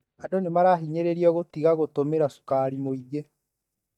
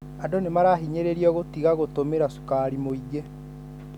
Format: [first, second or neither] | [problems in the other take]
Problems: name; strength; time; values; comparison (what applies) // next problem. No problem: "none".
second | noise reduction (neural mask model DeepFilterNet 3)